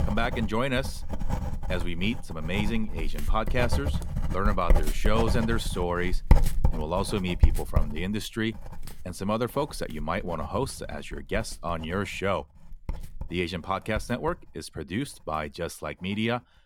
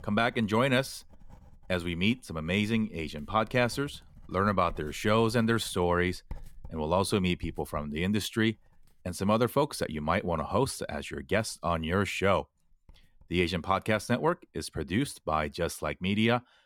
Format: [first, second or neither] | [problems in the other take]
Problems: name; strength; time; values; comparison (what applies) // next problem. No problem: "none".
second | household noises; loud; throughout; 1 dB below the speech; faint in the second